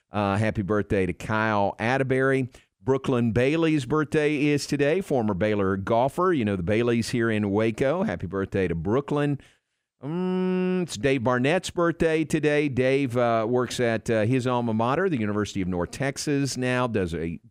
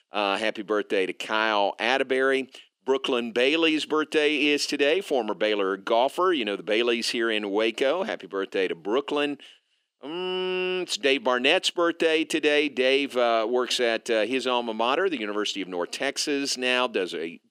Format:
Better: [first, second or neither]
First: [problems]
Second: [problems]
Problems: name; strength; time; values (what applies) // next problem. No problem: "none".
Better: first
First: none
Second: thin; somewhat; fading below 300 Hz